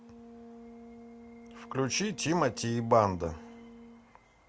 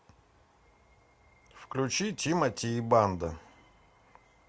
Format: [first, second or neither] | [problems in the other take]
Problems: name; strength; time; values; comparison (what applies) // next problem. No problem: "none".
second | background sound (Brass instrument); 17 dB below the speech